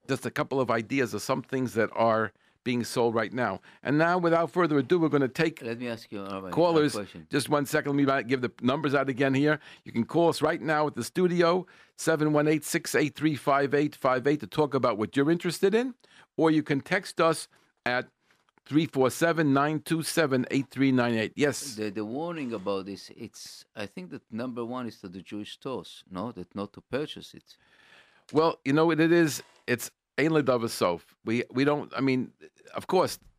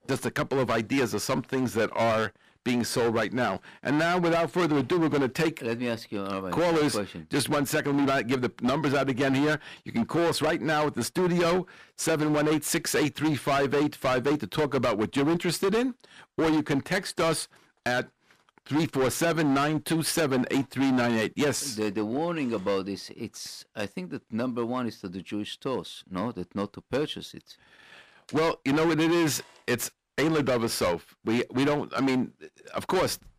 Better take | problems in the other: first | distortion; heavy; 16% of the sound clipped

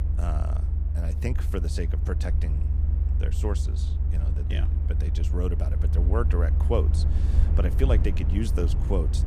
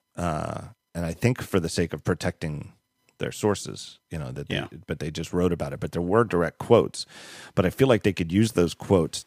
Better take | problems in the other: second | low rumble; loud; throughout; 7 dB below the speech

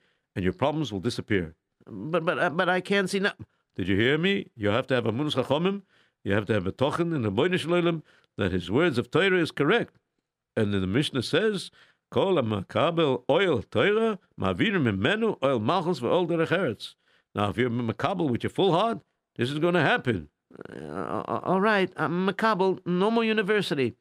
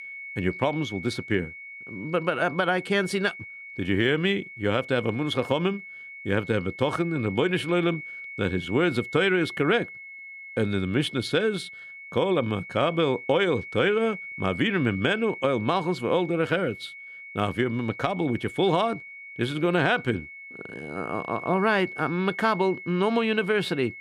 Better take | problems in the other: first | high-pitched whine; noticeable; throughout; 2 kHz, 10 dB below the speech

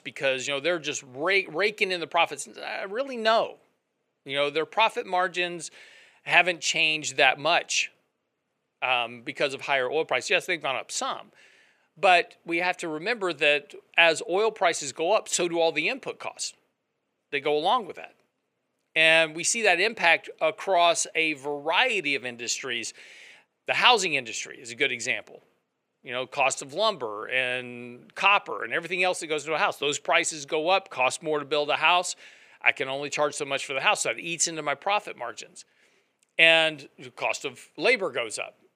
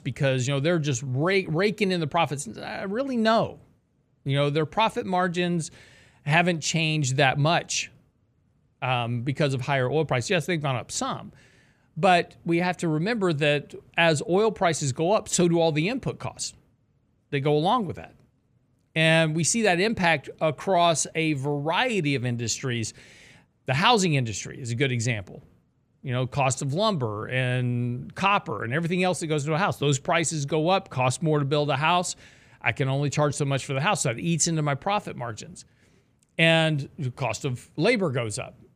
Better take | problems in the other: second | thin; very; fading below 500 Hz

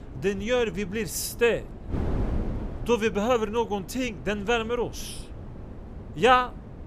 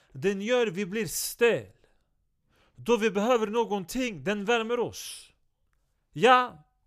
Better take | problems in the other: second | wind noise on the microphone; occasional gusts; 20 dB below the speech

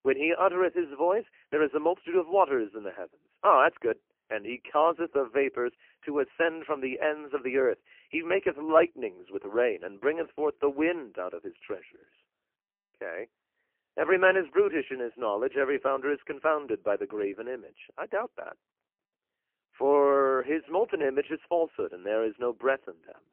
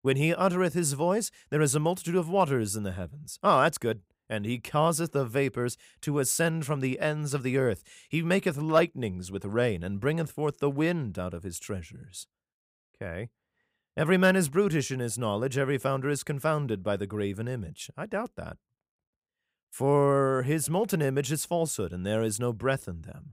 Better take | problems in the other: second | phone-call audio; poor line; nothing above 3 kHz

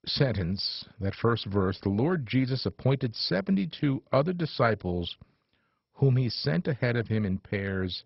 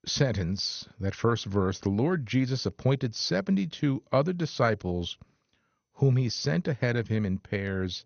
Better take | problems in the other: second | garbled, watery; badly; nothing above 5.5 kHz; slightly in the second

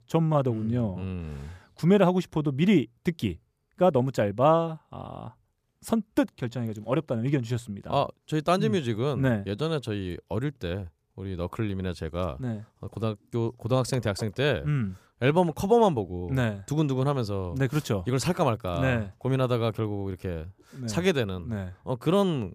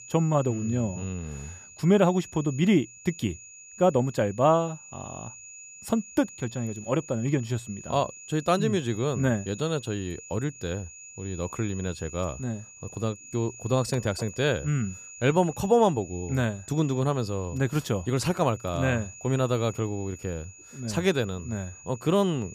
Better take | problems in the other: first | high-pitched whine; noticeable; throughout; 7 kHz, 15 dB below the speech

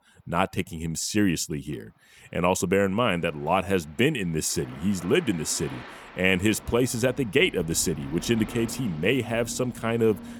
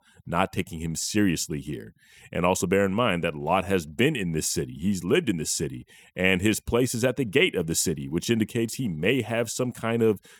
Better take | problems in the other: second | rain or running water; noticeable; throughout; 15 dB below the speech

